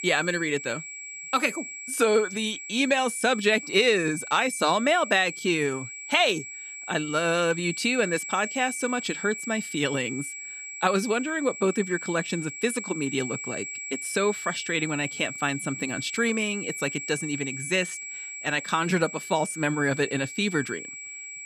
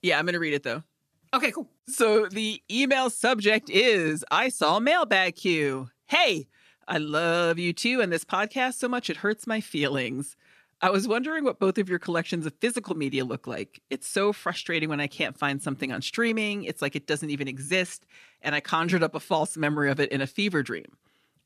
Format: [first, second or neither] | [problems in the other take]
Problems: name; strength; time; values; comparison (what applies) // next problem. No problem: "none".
second | high-pitched whine; loud; throughout; 2.5 kHz, 9 dB below the speech